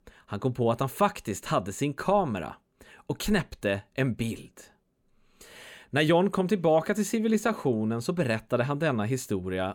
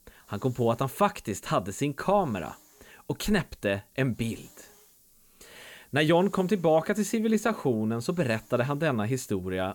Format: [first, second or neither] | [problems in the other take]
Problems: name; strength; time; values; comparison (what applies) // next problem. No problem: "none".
first | hiss; faint; throughout; 30 dB below the speech